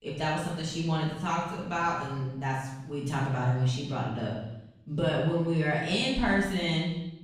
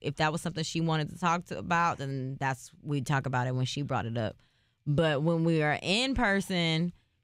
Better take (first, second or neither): second